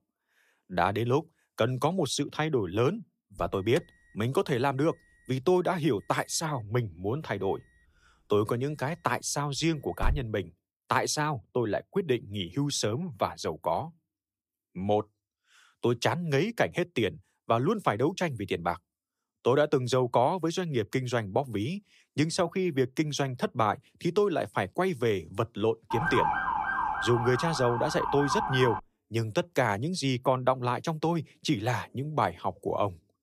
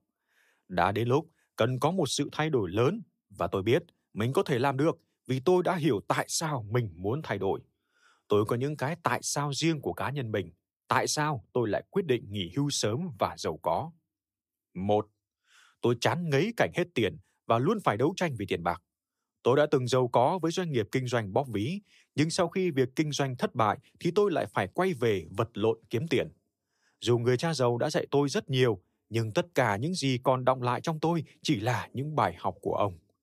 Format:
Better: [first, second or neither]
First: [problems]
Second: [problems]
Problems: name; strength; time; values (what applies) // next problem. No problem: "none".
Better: second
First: alarm; noticeable; from 4 to 10 s; peak 5 dB below the speech // siren; loud; from 26 to 29 s; peak 2 dB above the speech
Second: none